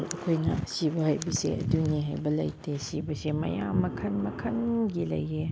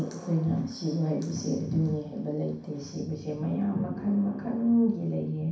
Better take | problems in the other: first | room echo; dies away in 0.6 s

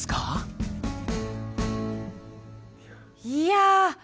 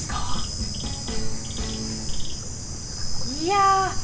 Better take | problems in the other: first | background sound (Bird / Insect); 2 dB above the speech // room echo; dies away in 0.6 s

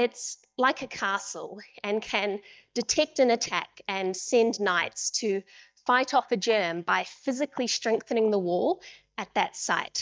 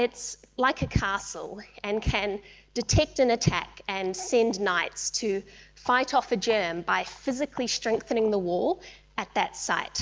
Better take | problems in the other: second | noise reduction (neural mask model DeepFilterNet 3)

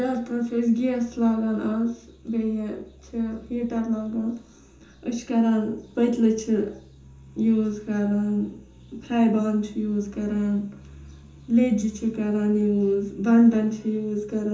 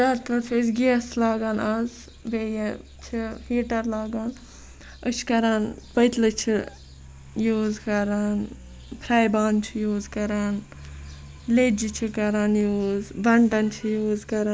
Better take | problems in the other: second | room echo; dies away in 0.6 s

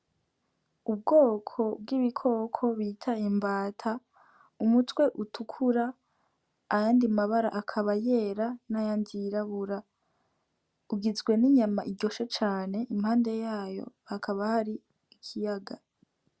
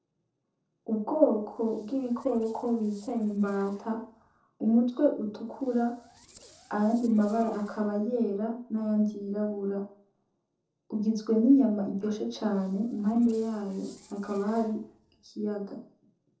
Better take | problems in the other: first | noise reduction (neural separator model SepFormer DNS4)

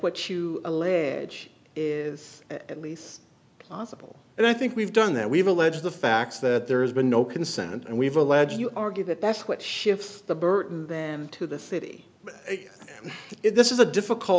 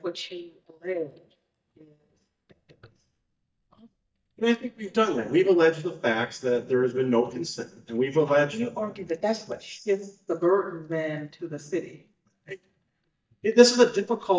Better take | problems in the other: first | noise reduction (neural mask model DeepFilterNet 3)

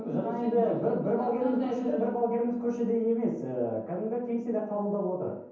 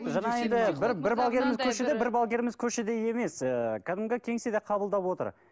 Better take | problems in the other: second | room echo; dies away in 0.9 s

